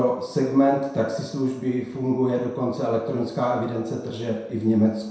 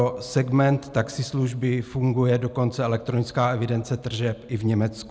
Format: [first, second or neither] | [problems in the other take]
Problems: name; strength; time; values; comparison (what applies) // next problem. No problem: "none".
second | room echo; dies away in 0.7 s